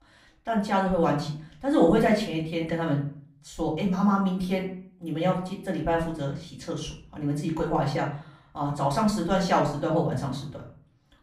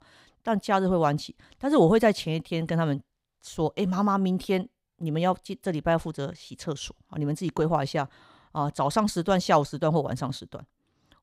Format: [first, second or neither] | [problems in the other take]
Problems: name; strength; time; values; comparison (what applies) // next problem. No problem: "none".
second | off-mic speech; far // room echo; slight; dies away in 0.4 s